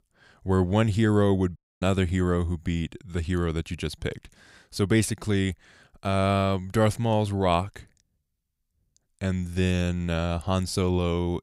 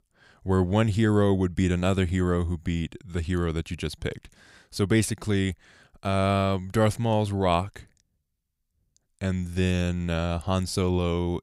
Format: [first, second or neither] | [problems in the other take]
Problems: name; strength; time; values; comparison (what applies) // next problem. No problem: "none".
second | audio cutting out; at 1.5 s